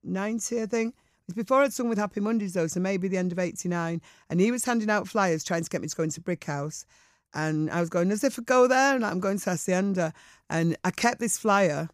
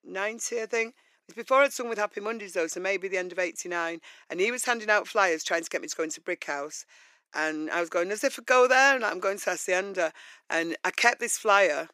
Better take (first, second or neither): first